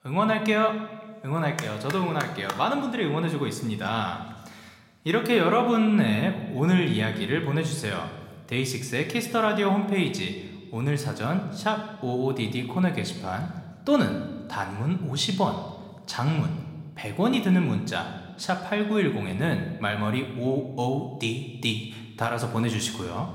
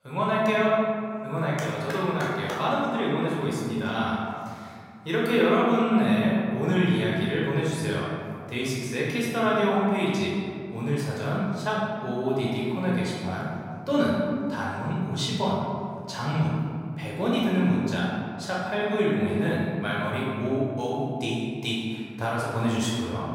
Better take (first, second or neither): first